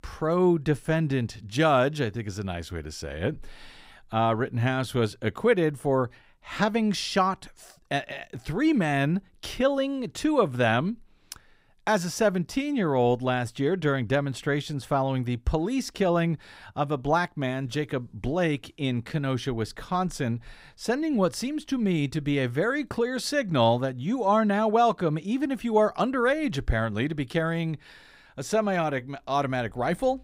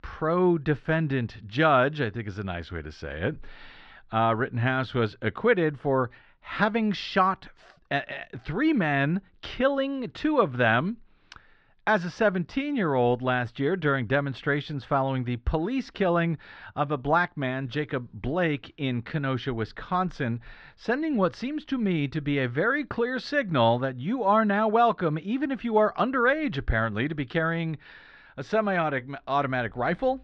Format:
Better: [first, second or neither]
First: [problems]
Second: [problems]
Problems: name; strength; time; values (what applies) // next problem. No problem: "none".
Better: first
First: none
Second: muffled; slightly; fading above 4 kHz